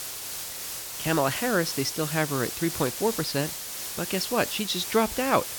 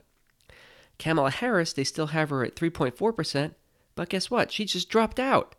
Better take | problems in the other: second | hiss; loud; throughout; 5 dB below the speech

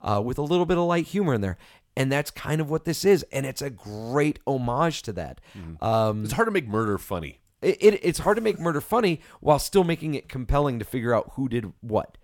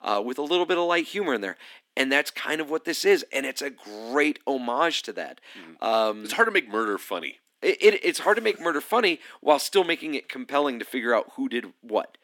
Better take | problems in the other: first | thin; somewhat; fading below 250 Hz

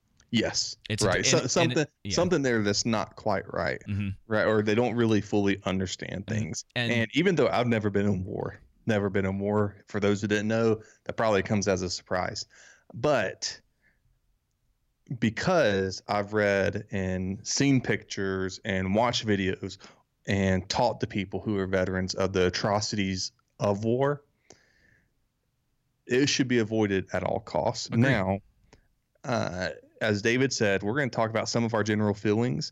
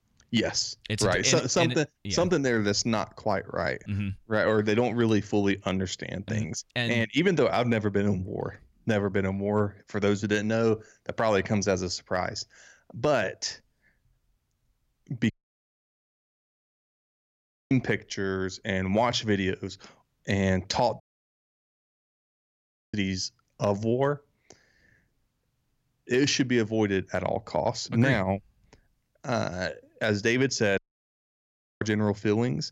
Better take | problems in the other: first | audio cutting out; at 15 s for 2.5 s, at 21 s for 2 s and at 31 s for 1 s

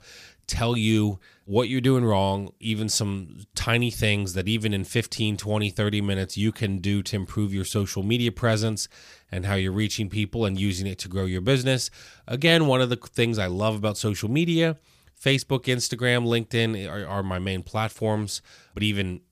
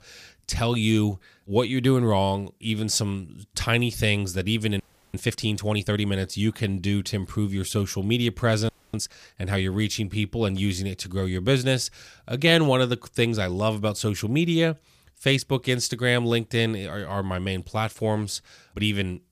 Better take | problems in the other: first | audio freezing; at 5 s and at 8.5 s

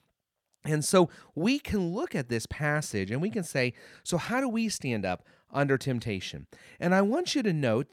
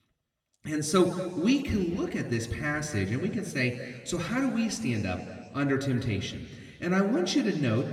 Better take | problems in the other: first | room echo; slight; dies away in 1.7 s // off-mic speech; somewhat distant

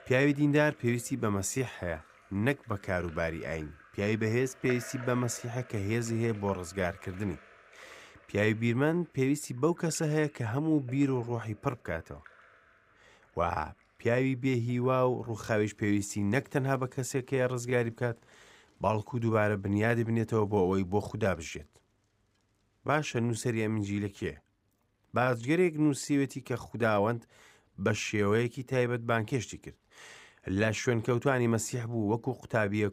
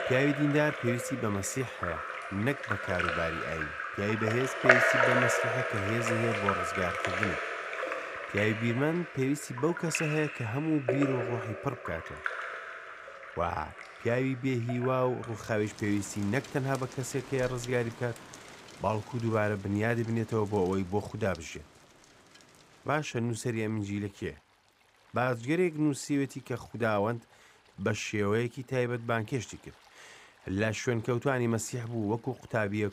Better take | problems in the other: first | rain or running water; loud; throughout; 1 dB below the speech; faint in the first

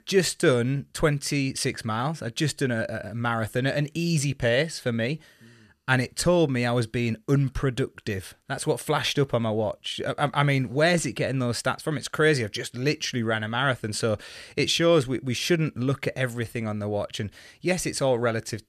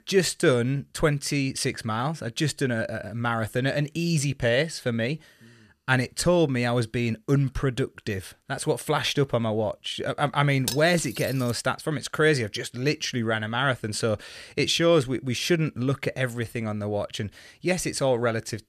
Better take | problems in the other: first | clattering dishes; noticeable; at 11 s; peak 5 dB below the speech

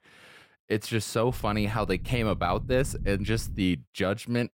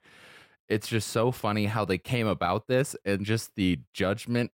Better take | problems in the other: second | low rumble; faint; from 1.5 to 3.5 s; 25 dB below the speech

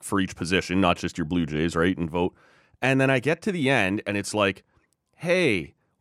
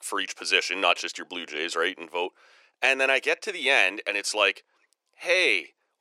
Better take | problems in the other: first | thin; very; fading below 400 Hz

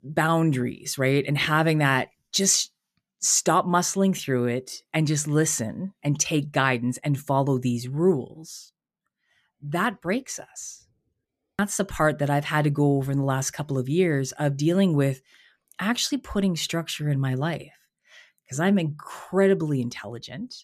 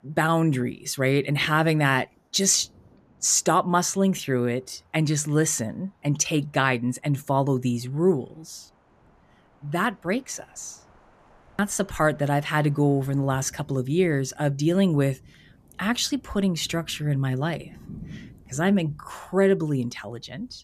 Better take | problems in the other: first | rain or running water; faint; throughout; 30 dB below the speech

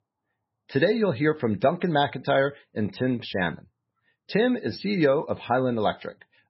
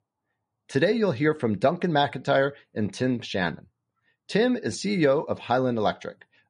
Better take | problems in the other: second | garbled, watery; badly; nothing above 5.5 kHz; slightly in the second

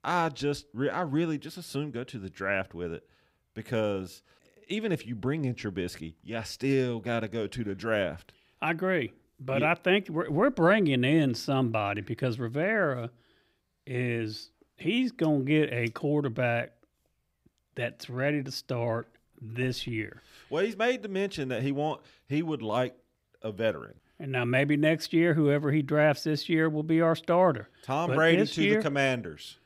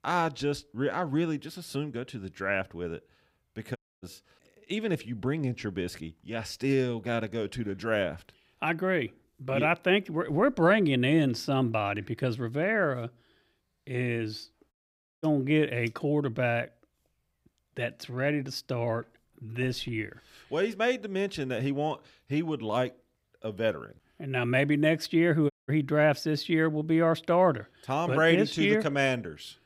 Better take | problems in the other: first | audio cutting out; at 4 s, at 15 s for 0.5 s and at 26 s

